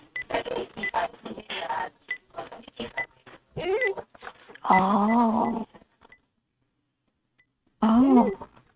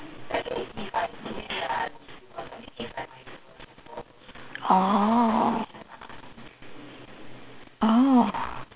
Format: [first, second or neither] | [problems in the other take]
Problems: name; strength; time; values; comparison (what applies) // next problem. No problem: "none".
second | noise reduction (neural mask model RNNoise)